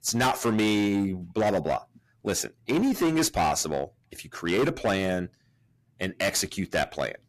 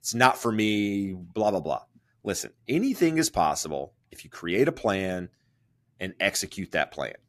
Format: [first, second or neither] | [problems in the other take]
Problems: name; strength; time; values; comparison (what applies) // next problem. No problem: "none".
second | distortion; heavy; 12% of the sound clipped